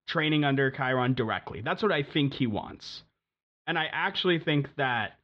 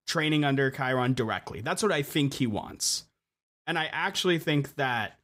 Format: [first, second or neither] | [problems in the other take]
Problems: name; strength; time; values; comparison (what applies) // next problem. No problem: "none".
second | muffled; slightly; fading above 4 kHz